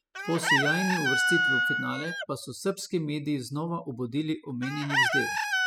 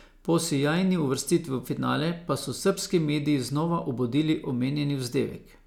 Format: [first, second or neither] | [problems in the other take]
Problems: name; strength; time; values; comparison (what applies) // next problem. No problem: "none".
second | noise reduction (classical method spectral subtraction)